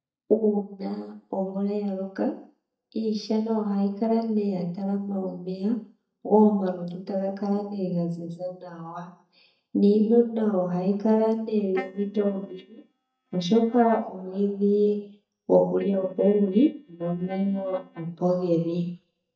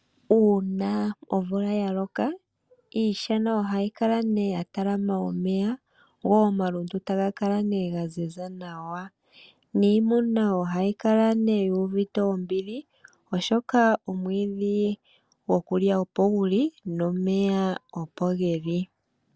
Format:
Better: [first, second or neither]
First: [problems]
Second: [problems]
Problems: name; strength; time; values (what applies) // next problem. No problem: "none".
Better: second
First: noise reduction (neural mask model DeepFilterNet 3)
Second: none